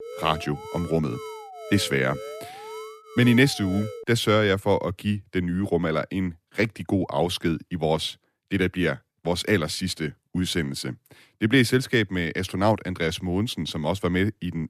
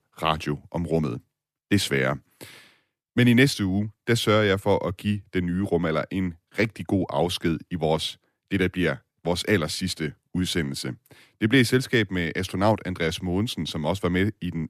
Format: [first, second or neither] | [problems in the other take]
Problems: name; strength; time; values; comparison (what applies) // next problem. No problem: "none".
second | alarm; faint; until 4 s; peak 10 dB below the speech